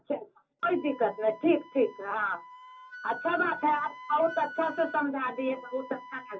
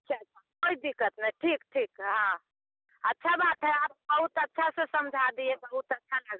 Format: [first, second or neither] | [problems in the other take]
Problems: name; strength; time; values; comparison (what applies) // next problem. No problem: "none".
second | background sound (Wind instrument, woodwind instrument); 15 dB below the speech // room echo; dies away in 0.3 s